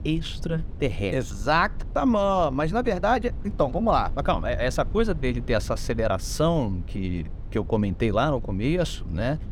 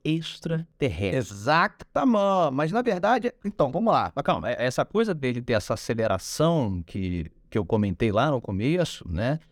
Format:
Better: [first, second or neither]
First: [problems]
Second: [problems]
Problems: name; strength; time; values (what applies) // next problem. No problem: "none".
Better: second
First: low rumble; faint; throughout; 25 dB below the speech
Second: none